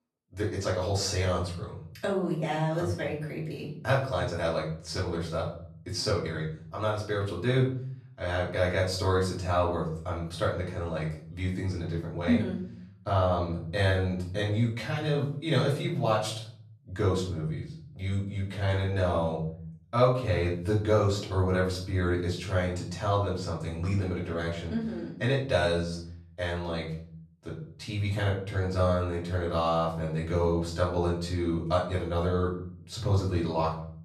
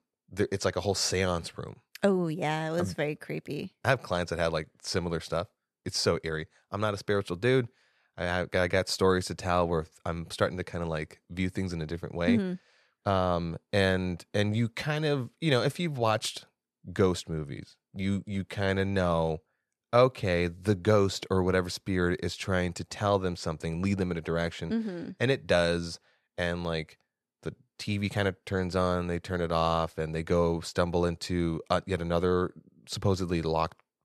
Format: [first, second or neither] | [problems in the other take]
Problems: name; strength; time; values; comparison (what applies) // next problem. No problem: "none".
second | off-mic speech; far // room echo; slight; dies away in 0.7 s